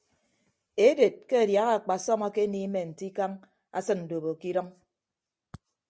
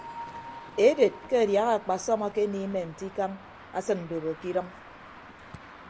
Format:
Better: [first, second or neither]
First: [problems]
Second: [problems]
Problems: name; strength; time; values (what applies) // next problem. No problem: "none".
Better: first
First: none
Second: background sound (Traffic noise, roadway noise + Bell); 17 dB below the speech